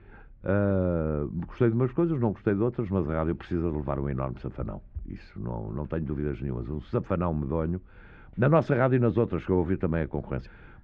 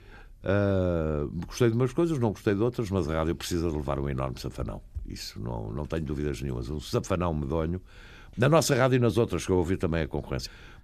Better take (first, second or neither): second